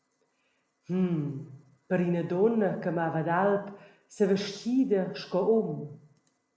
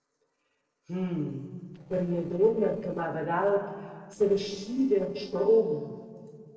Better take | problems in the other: first | noise reduction (neural separator model SepFormer DNS4)

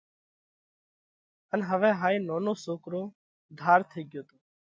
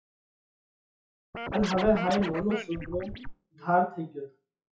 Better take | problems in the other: first | noise reduction (classical method WPE with log-MMSE)

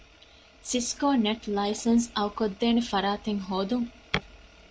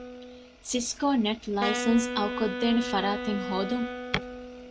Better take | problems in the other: first | background sound (Wind instrument, woodwind instrument); 6 dB below the speech

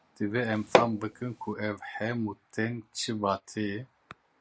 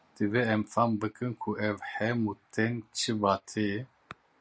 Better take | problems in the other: second | background sound (Hammer); 4 dB above the speech

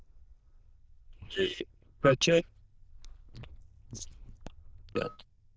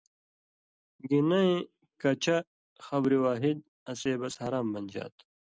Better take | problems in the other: second | noise reduction (neural diffusion model UNIVERSE++)

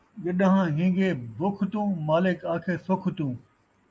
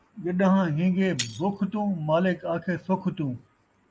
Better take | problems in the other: first | background sound (Shatter); 16 dB below the speech

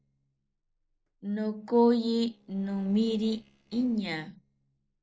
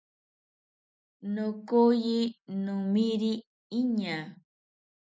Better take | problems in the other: second | noise reduction (neural separator model SepFormer DNS4)

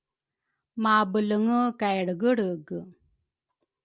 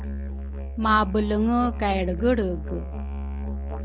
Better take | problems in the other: first | background sound (Musical instrument); 4 dB below the speech

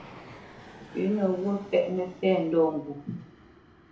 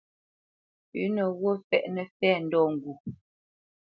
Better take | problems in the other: second | background sound (Fixed-wing aircraft, airplane); 19 dB below the speech // room echo; dies away in 0.7 s

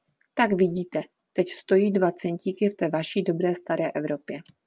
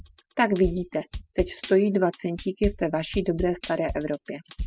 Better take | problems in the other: first | noise reduction (classical method spectral subtraction)

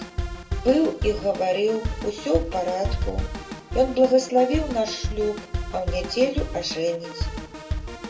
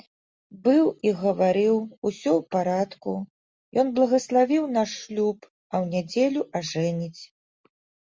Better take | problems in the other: second | background sound (Drum kit); 6 dB below the speech // room echo; dies away in 0.2 s

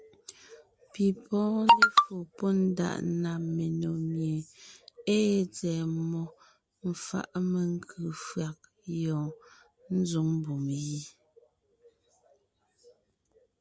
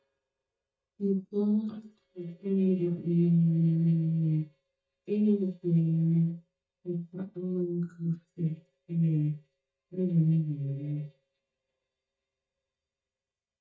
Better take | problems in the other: first | noise reduction (neural mask model DeepFilterNet 3)

